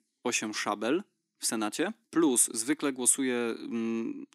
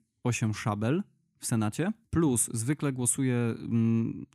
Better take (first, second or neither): second